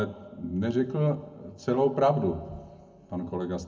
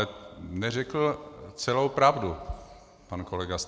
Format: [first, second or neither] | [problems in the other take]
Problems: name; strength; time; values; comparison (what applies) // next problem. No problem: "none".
second | room echo; dies away in 0.3 s